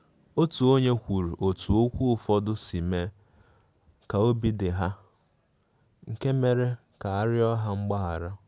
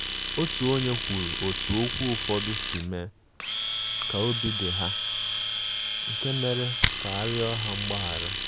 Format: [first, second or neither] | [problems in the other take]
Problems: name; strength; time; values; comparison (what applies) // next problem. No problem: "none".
first | background sound (Domestic sounds, home sounds); 1 dB above the speech